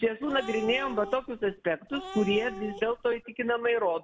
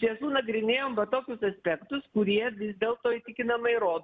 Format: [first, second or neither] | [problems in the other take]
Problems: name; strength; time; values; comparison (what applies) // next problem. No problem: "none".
second | background sound (Cat); 13 dB below the speech